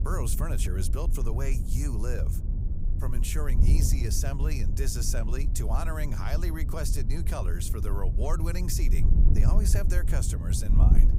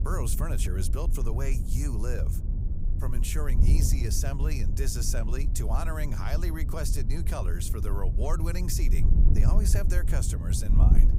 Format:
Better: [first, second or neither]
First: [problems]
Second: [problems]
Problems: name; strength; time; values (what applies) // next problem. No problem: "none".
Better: neither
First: wind noise on the microphone; heavy; 7 dB below the speech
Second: wind noise on the microphone; heavy; 7 dB below the speech